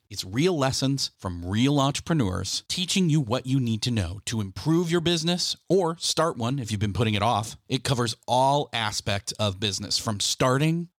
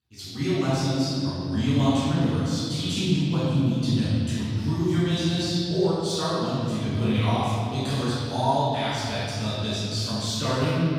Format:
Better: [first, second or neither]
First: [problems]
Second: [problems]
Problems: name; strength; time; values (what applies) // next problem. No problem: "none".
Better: first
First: none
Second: off-mic speech; far // room echo; strong; dies away in 3 s